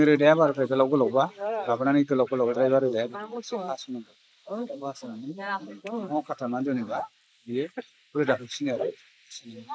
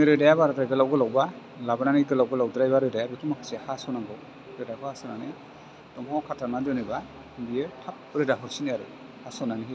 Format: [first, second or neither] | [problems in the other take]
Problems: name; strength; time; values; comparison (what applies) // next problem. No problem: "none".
second | noise reduction (neural mask model Resemble Enhance denoiser)